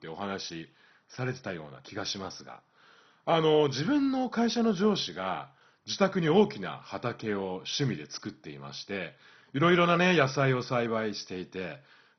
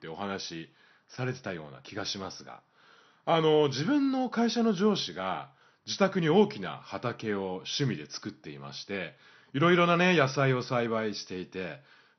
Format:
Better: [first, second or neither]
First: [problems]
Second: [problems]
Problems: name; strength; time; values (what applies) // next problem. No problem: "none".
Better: second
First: garbled, watery; badly; nothing above 6 kHz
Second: garbled, watery; slightly; nothing above 6 kHz